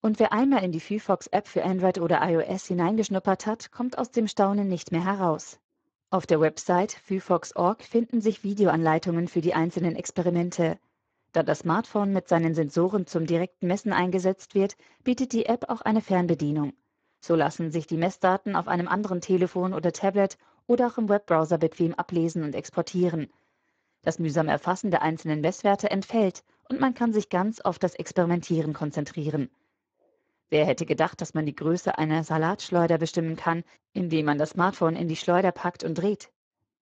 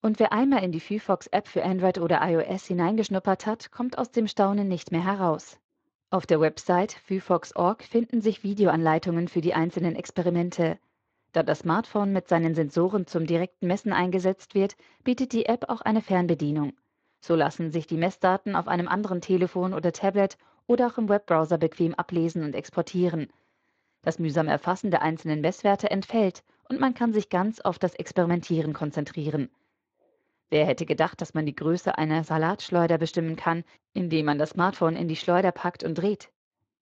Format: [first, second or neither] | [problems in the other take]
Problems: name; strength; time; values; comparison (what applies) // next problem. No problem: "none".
second | garbled, watery; badly; nothing above 7.5 kHz; slightly in the second